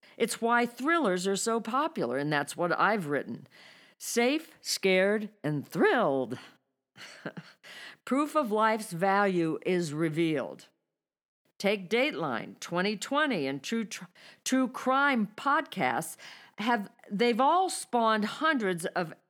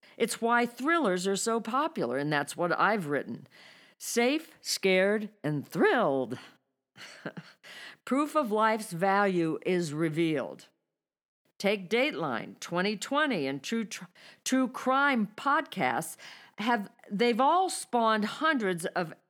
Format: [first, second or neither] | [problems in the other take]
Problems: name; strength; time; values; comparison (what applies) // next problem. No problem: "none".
neither | none